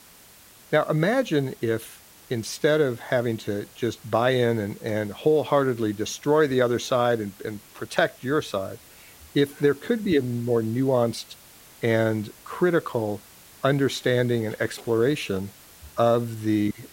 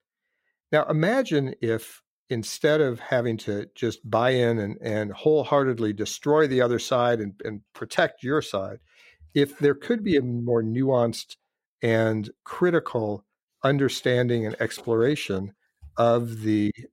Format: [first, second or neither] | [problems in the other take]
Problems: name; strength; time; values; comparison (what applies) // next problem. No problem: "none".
second | hiss; faint; throughout; 25 dB below the speech